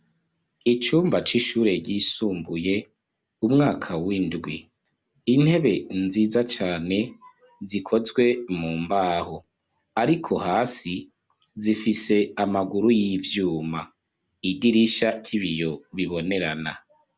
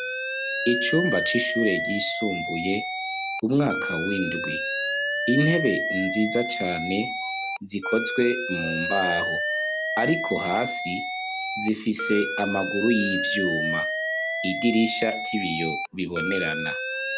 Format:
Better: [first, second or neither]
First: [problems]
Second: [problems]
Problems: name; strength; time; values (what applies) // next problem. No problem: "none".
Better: first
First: none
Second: background sound (Alarm); 2 dB below the speech